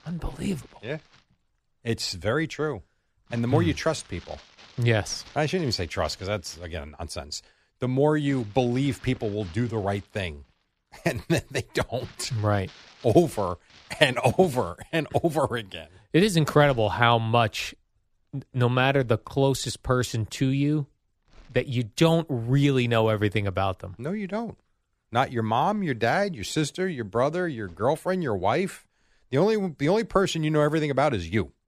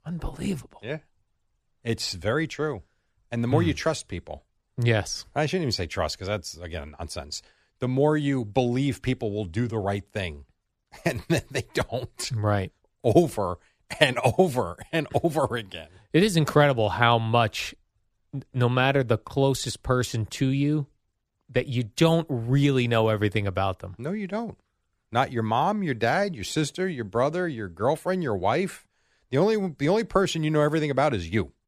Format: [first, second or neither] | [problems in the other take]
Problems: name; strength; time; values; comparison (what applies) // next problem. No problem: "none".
second | household noises; faint; throughout; 25 dB below the speech